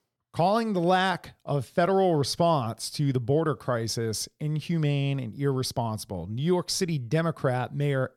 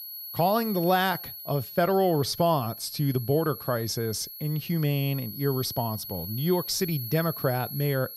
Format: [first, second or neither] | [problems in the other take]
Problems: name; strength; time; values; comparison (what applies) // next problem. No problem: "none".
first | high-pitched whine; loud; throughout; 11.5 kHz, 9 dB below the speech